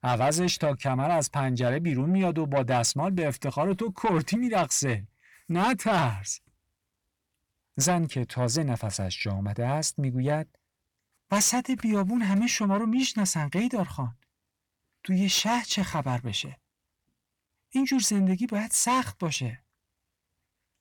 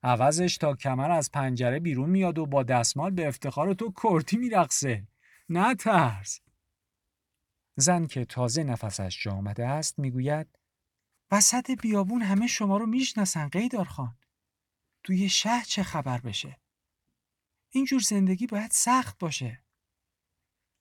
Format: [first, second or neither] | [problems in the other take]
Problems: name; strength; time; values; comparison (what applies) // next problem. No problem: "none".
second | distortion; slight; 10 dB below the speech